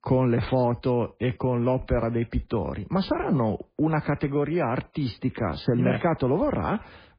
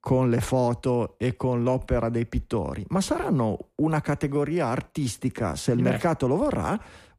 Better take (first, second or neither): second